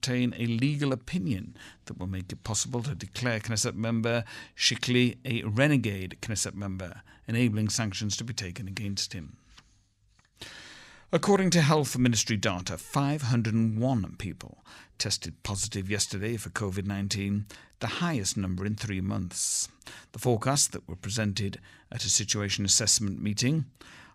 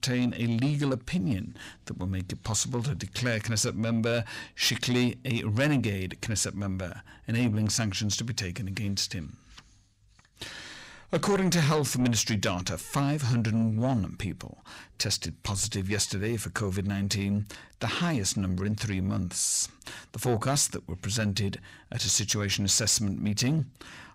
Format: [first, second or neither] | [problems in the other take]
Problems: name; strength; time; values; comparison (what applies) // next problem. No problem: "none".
first | distortion; slight; 10 dB below the speech